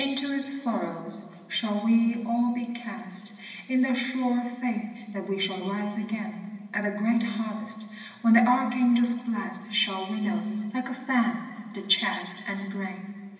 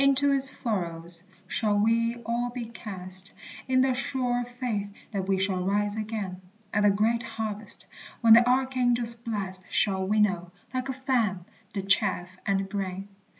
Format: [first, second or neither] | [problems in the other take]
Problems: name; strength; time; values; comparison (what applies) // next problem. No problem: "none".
second | room echo; dies away in 2 s